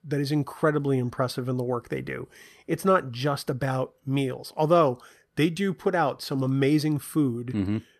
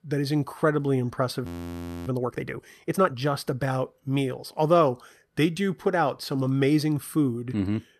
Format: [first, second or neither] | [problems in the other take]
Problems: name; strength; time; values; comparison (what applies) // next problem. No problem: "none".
first | audio freezing; at 1.5 s for 0.5 s